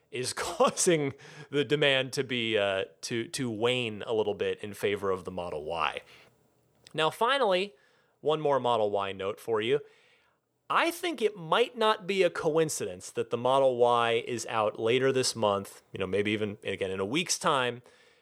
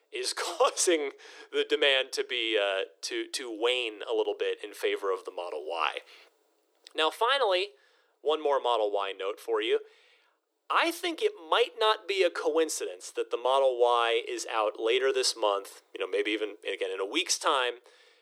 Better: first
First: none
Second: thin; very; fading below 300 Hz

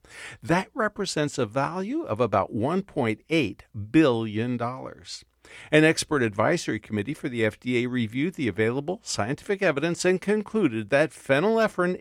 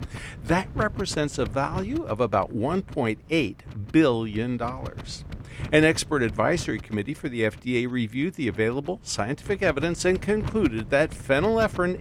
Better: first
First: none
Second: wind noise on the microphone; occasional gusts; 20 dB below the speech

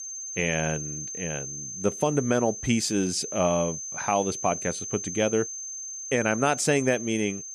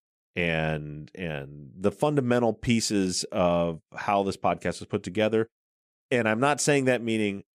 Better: second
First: high-pitched whine; loud; throughout; 6.5 kHz, 7 dB below the speech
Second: none

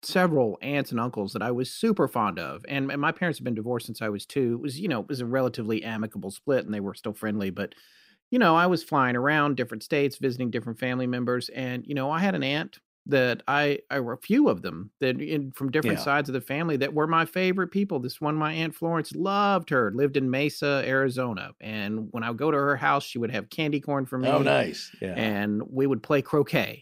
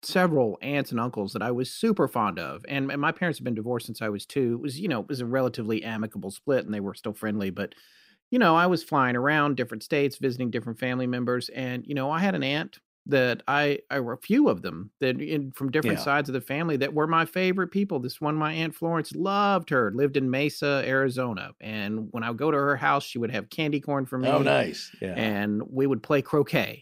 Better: neither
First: none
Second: none

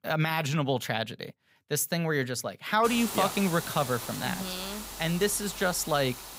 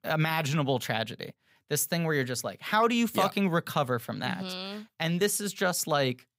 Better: second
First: hiss; loud; from 3 s on; 9 dB below the speech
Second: none

